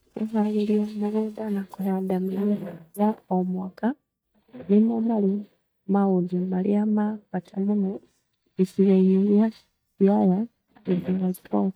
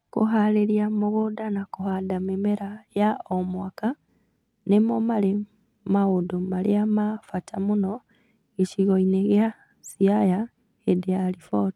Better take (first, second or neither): second